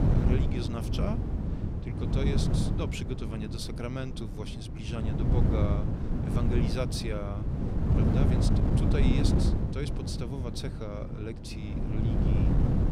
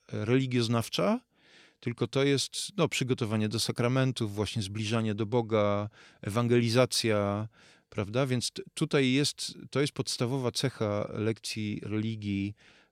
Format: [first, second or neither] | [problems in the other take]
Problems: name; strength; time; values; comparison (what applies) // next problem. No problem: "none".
second | wind noise on the microphone; heavy; 1 dB above the speech